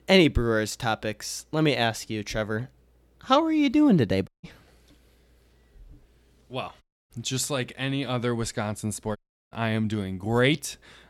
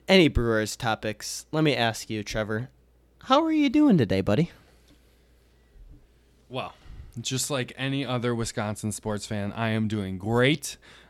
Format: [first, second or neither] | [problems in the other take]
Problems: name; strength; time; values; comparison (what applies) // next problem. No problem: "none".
second | audio cutting out; at 4.5 s, at 7 s and at 9 s